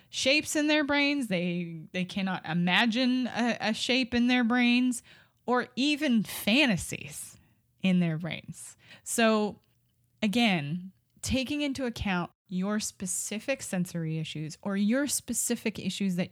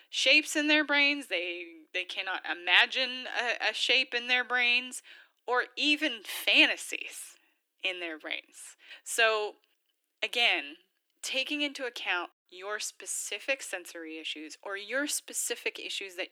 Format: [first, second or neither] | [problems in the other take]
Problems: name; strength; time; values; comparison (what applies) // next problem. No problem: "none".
first | thin; very; fading below 300 Hz